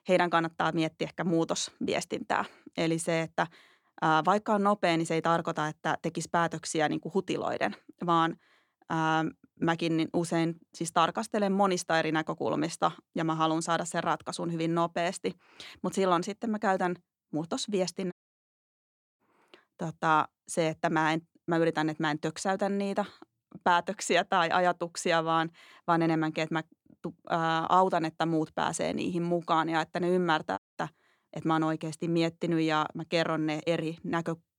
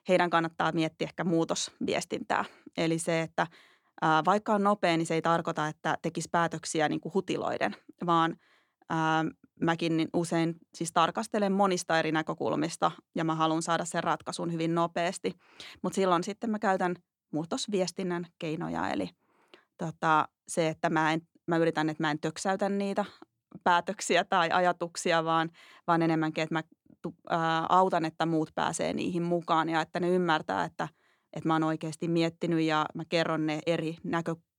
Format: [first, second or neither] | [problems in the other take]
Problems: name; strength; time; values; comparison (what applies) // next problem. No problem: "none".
second | audio cutting out; at 18 s for 1 s and at 31 s